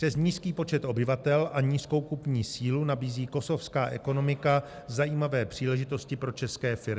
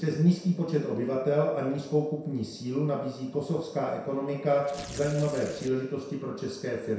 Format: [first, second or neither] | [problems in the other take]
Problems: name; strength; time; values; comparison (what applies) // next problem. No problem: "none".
first | background sound (Tearing); 15 dB below the speech // room echo; dies away in 0.7 s